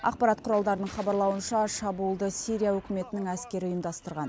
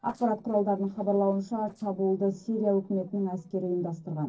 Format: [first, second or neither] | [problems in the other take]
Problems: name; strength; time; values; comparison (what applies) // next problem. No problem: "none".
first | noise reduction (neural separator model SepFormer DNS4)